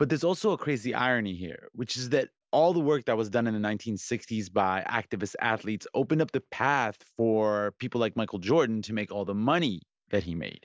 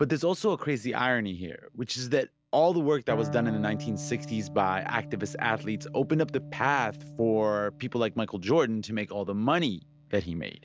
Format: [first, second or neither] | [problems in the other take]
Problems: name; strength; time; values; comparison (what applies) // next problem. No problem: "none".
first | background sound (Electric guitar); 14 dB below the speech